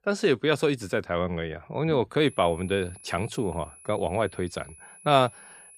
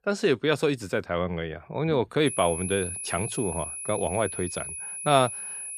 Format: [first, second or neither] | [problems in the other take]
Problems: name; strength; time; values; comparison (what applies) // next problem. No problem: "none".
first | high-pitched whine; loud; from 2.5 s on; 10.5 kHz, 6 dB below the speech; faint in the first